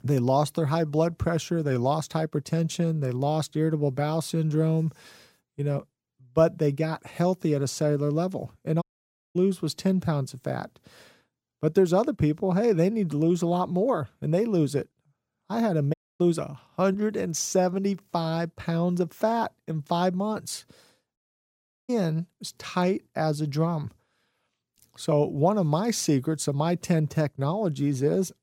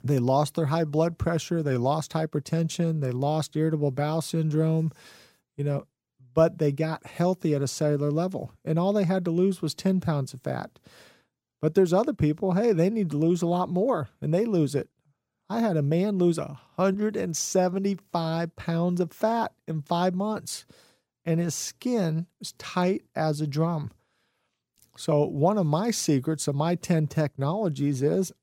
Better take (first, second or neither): second